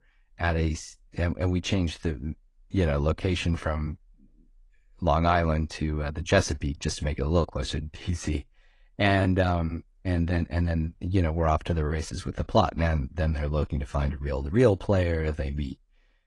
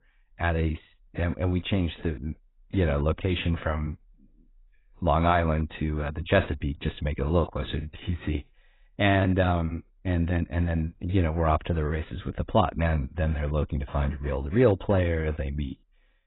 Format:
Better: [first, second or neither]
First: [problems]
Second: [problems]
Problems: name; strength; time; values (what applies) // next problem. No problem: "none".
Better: first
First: garbled, watery; slightly; nothing above 10.5 kHz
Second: garbled, watery; badly; nothing above 4 kHz